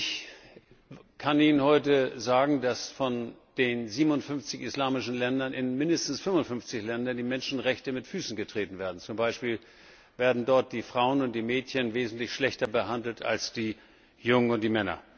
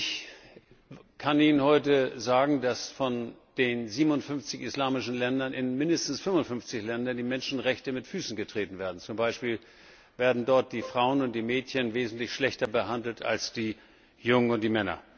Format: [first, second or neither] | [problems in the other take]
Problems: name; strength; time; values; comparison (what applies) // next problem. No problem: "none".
first | background sound (Bowed string instrument); 18 dB below the speech